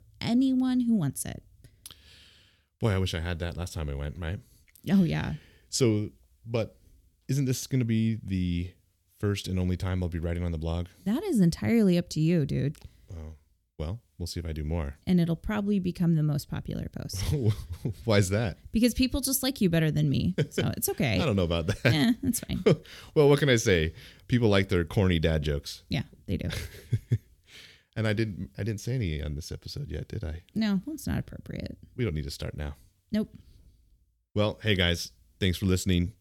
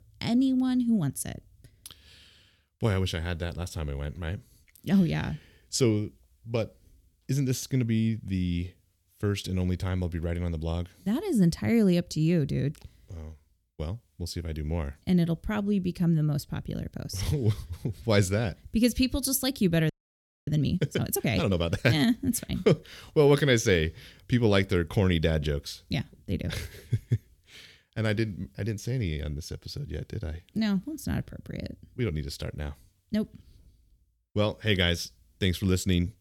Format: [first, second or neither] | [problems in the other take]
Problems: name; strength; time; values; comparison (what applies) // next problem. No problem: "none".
first | audio freezing; at 20 s for 0.5 s